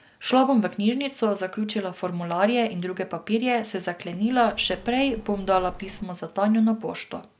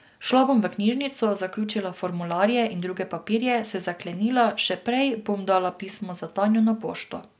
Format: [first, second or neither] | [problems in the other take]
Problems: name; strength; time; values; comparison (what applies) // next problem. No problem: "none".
second | background sound (Bird); 18 dB below the speech